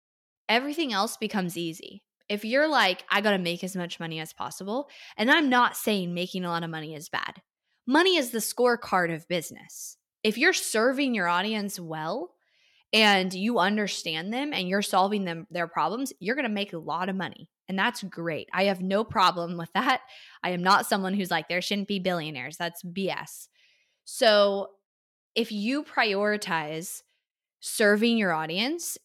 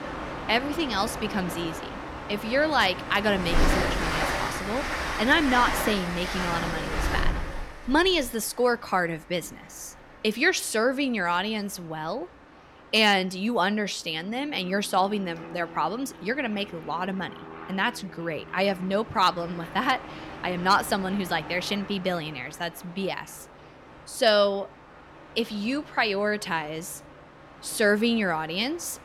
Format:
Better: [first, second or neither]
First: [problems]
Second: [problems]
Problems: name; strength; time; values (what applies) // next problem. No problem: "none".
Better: first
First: none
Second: train or aircraft noise; loud; throughout; 7 dB below the speech